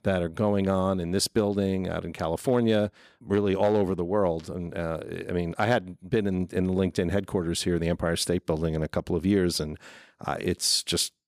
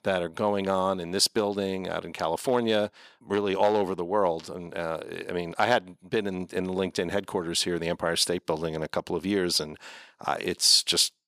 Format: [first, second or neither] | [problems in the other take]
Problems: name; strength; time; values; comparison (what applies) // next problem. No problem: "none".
first | thin; very slightly; fading below 800 Hz